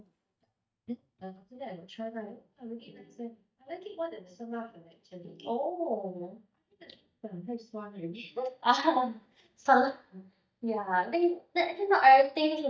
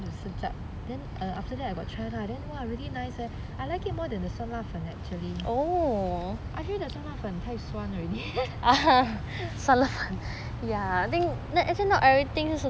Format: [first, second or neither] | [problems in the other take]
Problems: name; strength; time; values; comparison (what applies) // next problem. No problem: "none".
second | noise reduction (neural mask model DeepFilterNet 3)